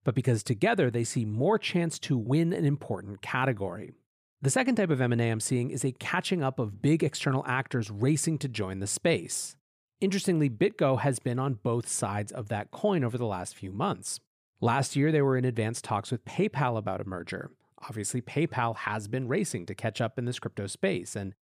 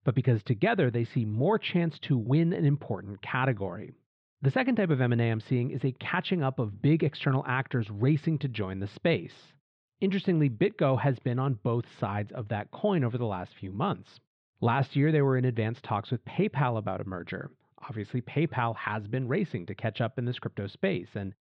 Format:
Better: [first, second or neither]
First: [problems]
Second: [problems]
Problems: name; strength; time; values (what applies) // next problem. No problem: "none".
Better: first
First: none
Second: muffled; very; fading above 3.5 kHz